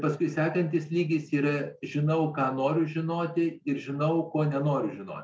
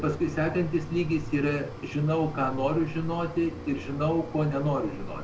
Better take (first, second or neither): first